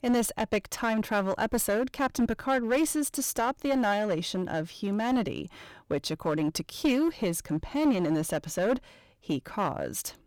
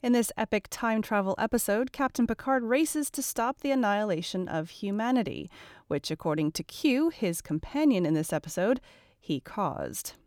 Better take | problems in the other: second | distortion; slight; 8% of the sound clipped

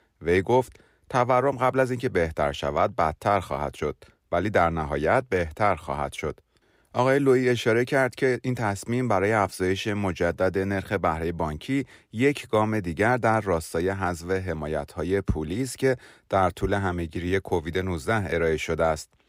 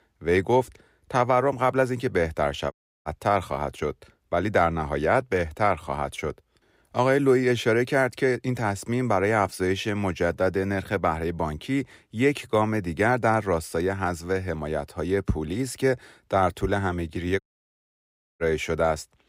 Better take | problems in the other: first | audio cutting out; at 2.5 s and at 17 s for 1 s

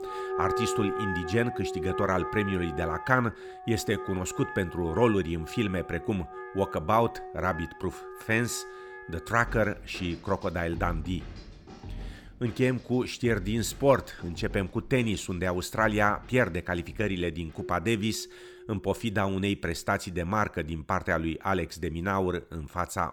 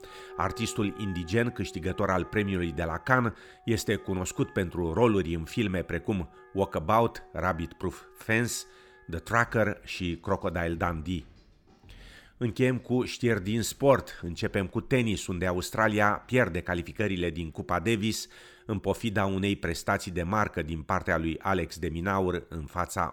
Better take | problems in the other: second | background music; loud; throughout; 9 dB below the speech; faint in the second

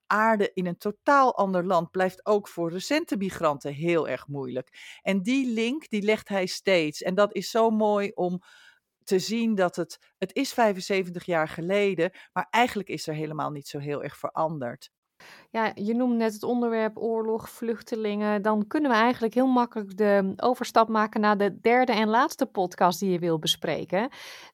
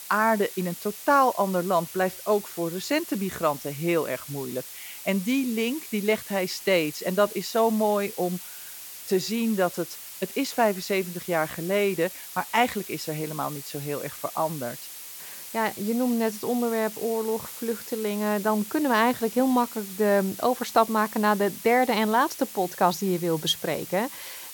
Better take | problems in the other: first | hiss; noticeable; throughout; 10 dB below the speech

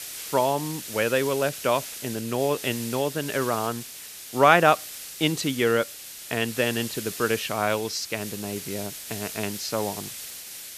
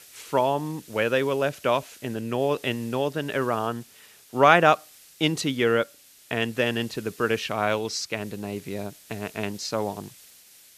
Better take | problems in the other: second | hiss; loud; throughout; 10 dB below the speech; faint in the second

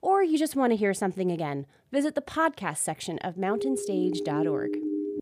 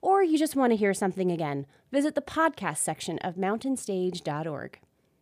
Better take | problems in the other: second | siren; noticeable; from 3.5 s on; peak level with the speech

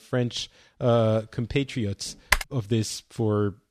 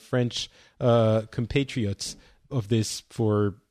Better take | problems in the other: second | keyboard typing; loud; at 2.5 s; peak 2 dB above the speech

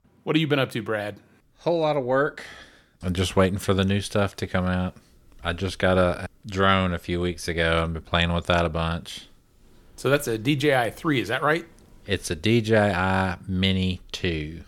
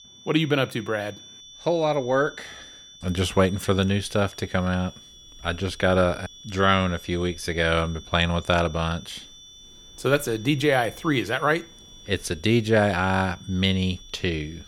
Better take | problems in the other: first | high-pitched whine; noticeable; throughout; 3.5 kHz, 20 dB below the speech

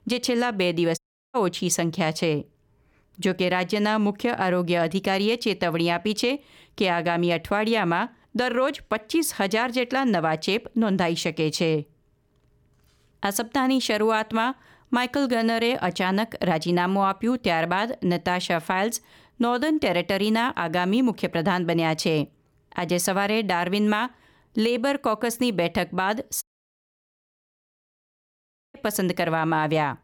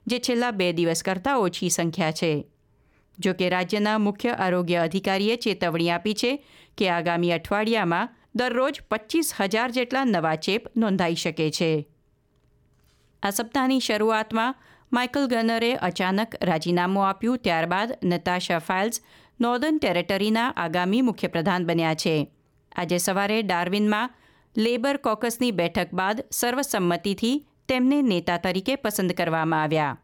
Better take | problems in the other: second | audio cutting out; at 1 s and at 26 s for 2.5 s

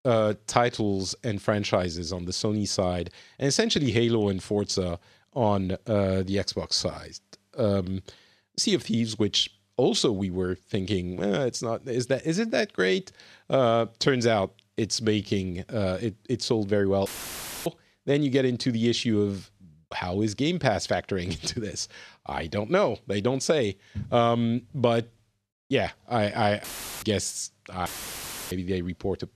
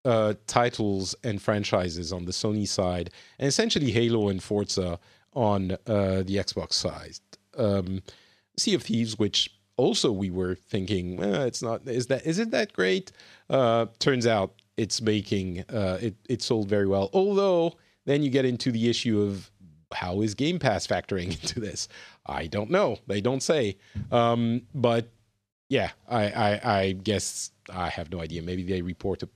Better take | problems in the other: second | audio cutting out; filled with static; at 17 s for 0.5 s, at 27 s and at 28 s for 0.5 s

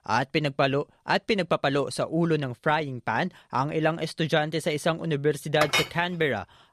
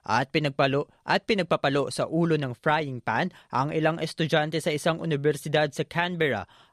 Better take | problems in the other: second | clattering dishes; loud; at 5.5 s; peak 2 dB above the speech

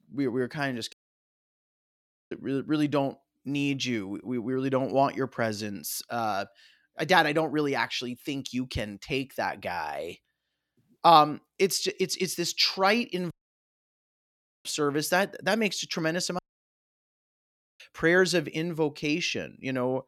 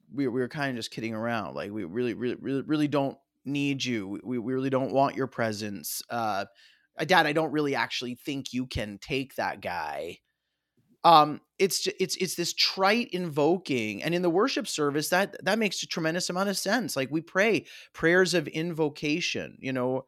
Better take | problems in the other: second | audio cutting out; at 1 s for 1.5 s, at 13 s for 1.5 s and at 16 s for 1.5 s

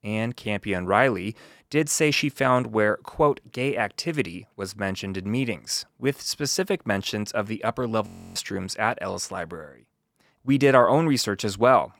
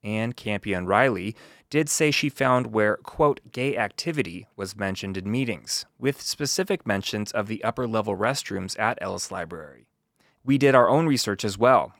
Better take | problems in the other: second | audio freezing; at 8 s

